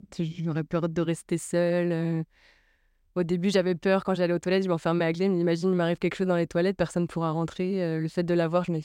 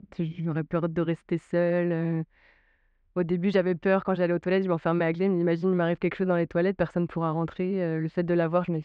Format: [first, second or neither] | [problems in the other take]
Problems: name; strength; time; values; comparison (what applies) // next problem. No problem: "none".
first | muffled; slightly; fading above 2 kHz